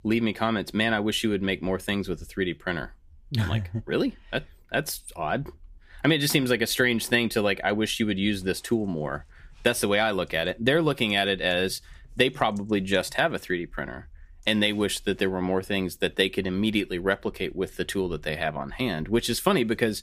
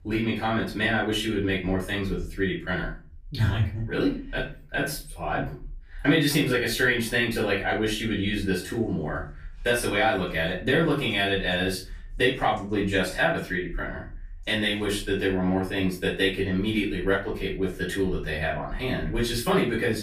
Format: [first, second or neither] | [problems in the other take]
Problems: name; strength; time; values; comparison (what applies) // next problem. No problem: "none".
first | room echo; slight; dies away in 0.3 s // off-mic speech; far